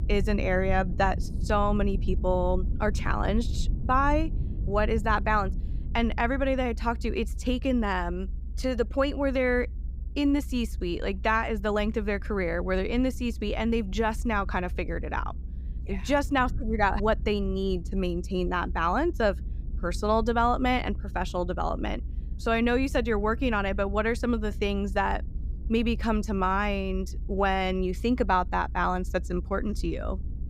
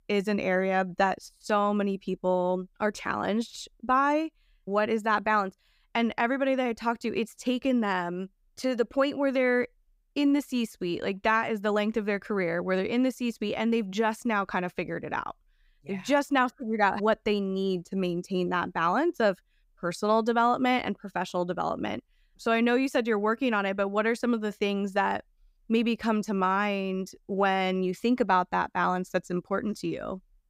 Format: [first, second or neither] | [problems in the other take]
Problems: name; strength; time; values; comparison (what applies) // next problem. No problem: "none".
second | low rumble; faint; throughout; 25 dB below the speech